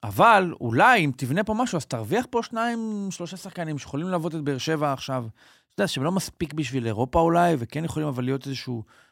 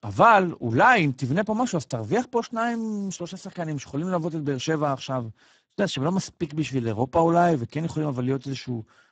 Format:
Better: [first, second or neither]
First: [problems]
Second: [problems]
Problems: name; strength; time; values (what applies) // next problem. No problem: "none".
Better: first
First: none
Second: garbled, watery; badly; nothing above 7.5 kHz